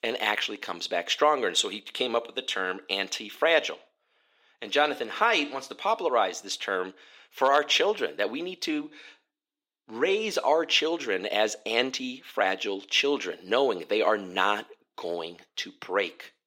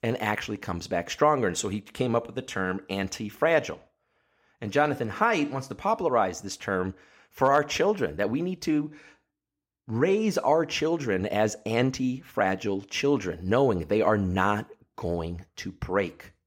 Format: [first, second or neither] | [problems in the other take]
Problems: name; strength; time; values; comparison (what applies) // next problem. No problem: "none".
second | thin; somewhat; fading below 350 Hz